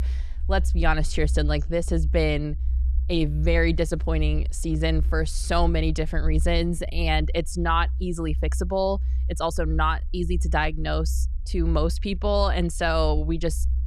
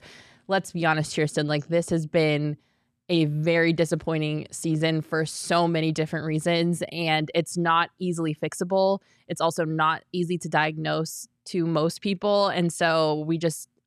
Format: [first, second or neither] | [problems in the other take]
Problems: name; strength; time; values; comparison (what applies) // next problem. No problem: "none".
second | low rumble; faint; throughout; 20 dB below the speech